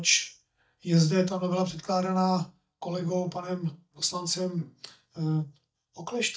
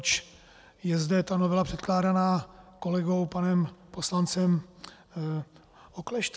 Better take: second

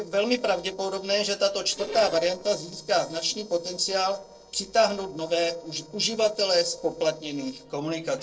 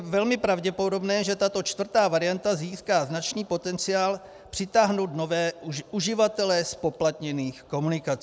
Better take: second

